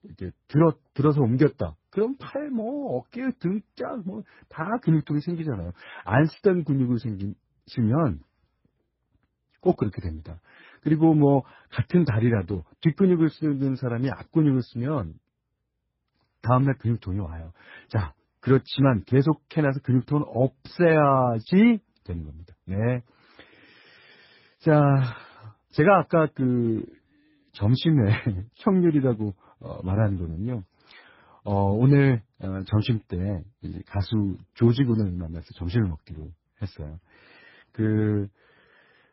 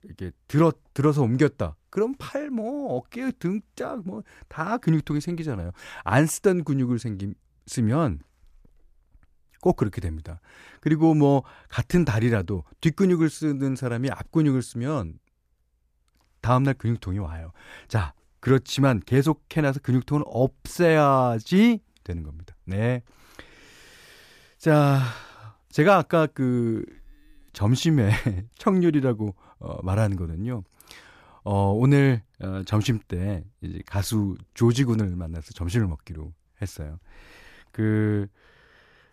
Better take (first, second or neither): second